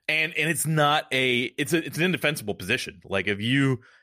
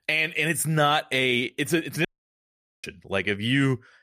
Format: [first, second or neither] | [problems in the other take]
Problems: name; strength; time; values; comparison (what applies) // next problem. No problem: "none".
first | audio cutting out; at 2 s for 1 s